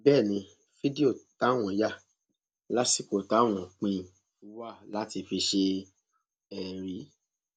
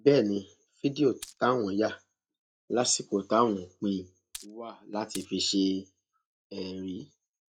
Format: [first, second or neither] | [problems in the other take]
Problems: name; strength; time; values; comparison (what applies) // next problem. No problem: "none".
first | noise reduction (classical method log-MMSE)